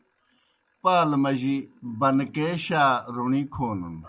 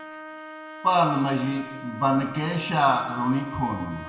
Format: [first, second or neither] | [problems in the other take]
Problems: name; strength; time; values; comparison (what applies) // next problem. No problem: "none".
first | background sound (Trumpet); 14 dB below the speech // room echo; dies away in 1.3 s